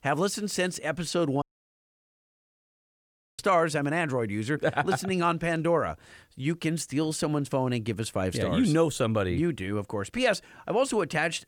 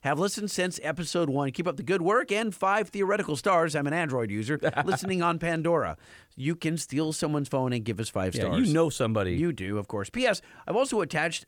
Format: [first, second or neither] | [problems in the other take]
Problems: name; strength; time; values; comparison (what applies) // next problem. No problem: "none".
second | audio cutting out; at 1.5 s for 2 s